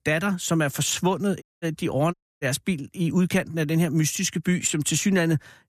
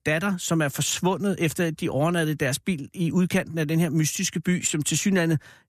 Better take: second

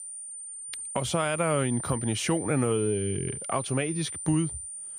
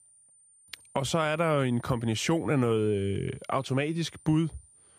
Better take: second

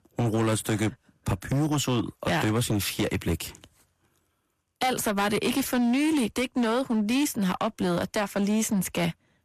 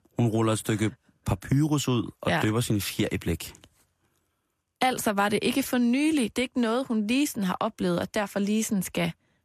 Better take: second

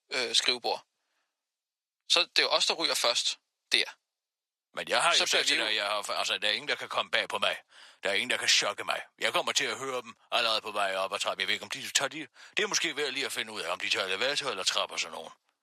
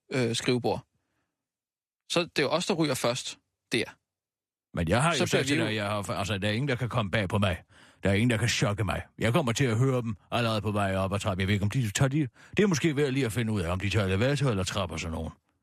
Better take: second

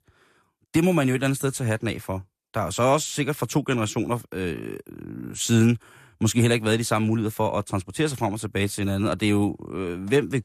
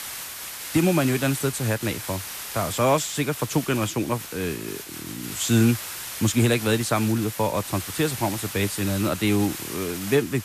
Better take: first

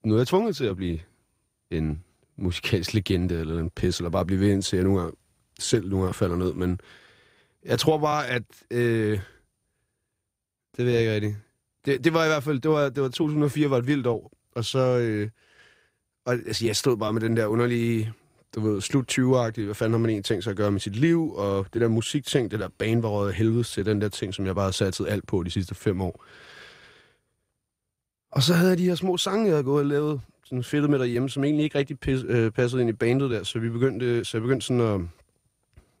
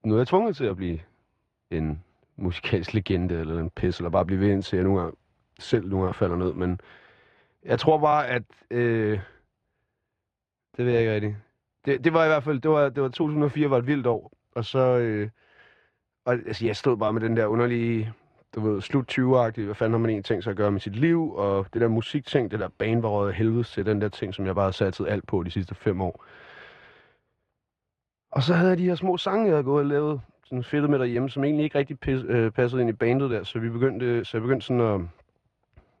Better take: first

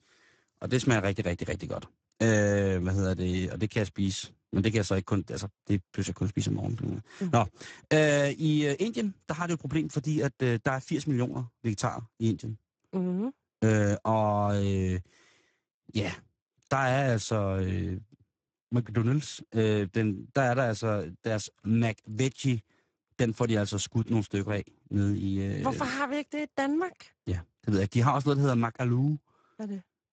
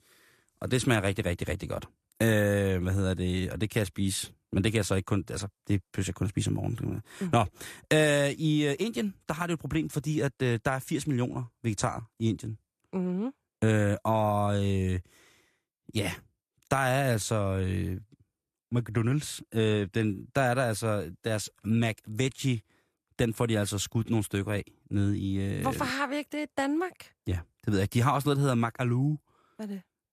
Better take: second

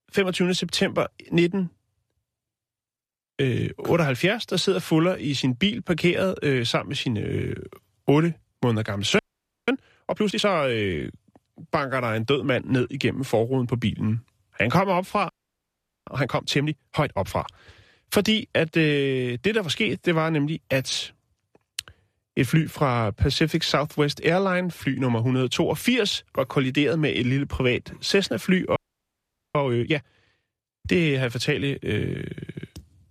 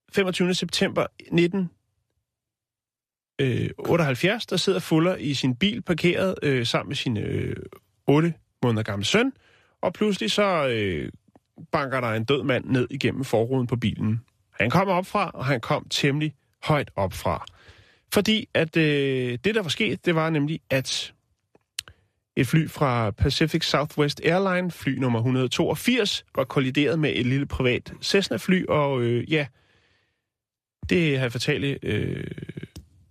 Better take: second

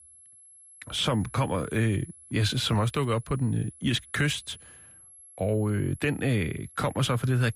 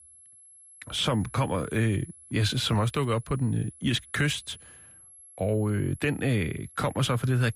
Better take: neither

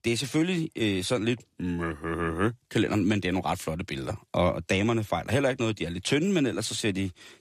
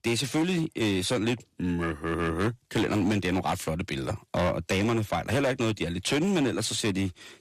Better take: first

